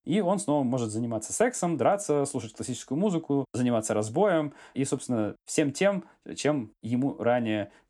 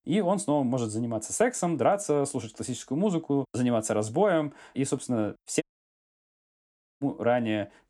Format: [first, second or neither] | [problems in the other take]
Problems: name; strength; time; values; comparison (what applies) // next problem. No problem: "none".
first | audio cutting out; at 5.5 s for 1.5 s